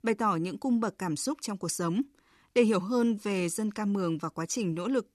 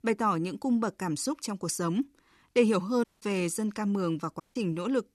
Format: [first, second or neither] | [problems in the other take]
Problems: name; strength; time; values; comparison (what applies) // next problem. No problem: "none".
first | audio cutting out; at 3 s and at 4.5 s